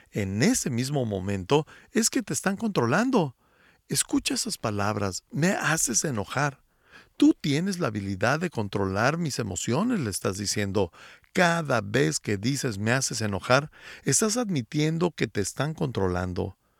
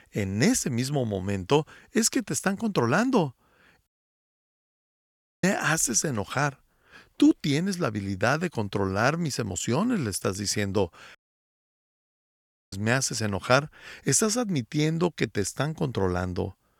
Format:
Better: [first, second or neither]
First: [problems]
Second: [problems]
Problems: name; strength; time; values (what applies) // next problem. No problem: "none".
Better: first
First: none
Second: audio cutting out; at 4 s for 1.5 s and at 11 s for 1.5 s